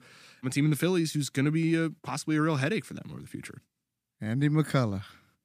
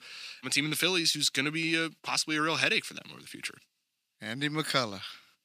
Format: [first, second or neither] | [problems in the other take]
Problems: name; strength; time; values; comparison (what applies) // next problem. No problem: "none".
first | thin; somewhat; fading below 950 Hz